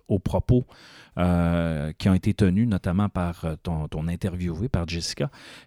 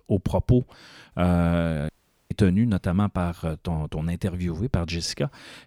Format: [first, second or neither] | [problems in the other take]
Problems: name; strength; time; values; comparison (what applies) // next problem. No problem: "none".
first | audio cutting out; at 2 s